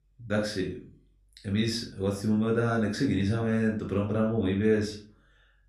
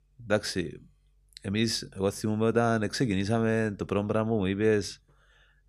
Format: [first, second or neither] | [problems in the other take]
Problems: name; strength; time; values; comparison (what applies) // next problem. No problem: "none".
second | off-mic speech; somewhat distant // room echo; slight; dies away in 0.4 s